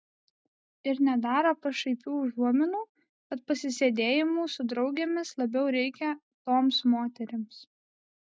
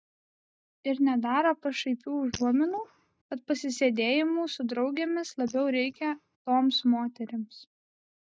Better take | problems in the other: first | noise reduction (neural mask model DeepFilterNet 3)

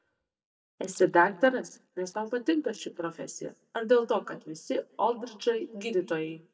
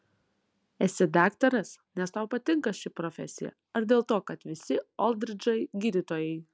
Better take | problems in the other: second | noise reduction (neural mask model DeepFilterNet 3)

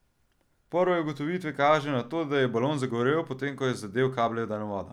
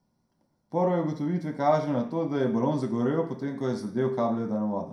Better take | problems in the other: first | room echo; dies away in 0.5 s

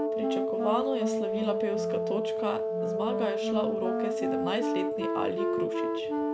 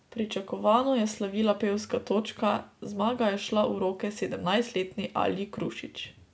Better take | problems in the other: second | background sound (Wind instrument, woodwind instrument + Wind instrument, woodwind instrument); 5 dB above the speech

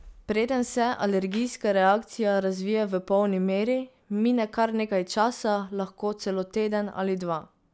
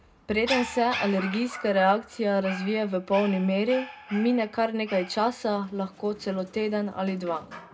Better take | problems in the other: first | background sound (Dog); 13 dB below the speech // room echo; dies away in 0.2 s

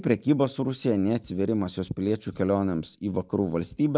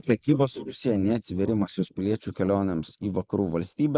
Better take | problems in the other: first | noise reduction (neural mask model Resemble Enhance denoiser)

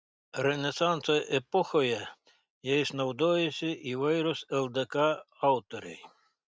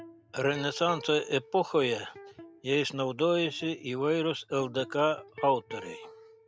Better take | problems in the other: first | background sound (Electric guitar); 18 dB below the speech

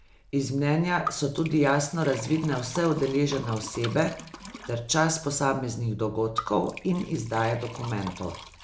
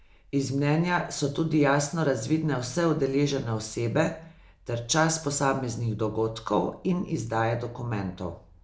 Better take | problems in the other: second | background sound (Liquid); 14 dB below the speech

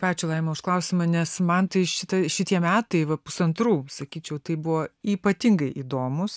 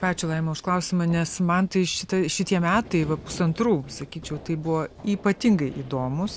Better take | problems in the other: first | background sound (Run); 19 dB below the speech

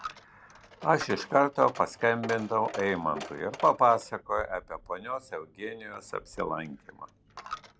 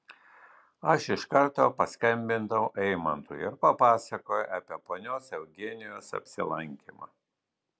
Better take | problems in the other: second | background sound (Coin (dropping)); 15 dB below the speech

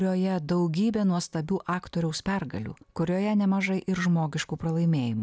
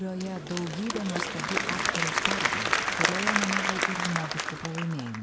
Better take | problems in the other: first | background sound (Applause / Crowd); 4 dB above the speech

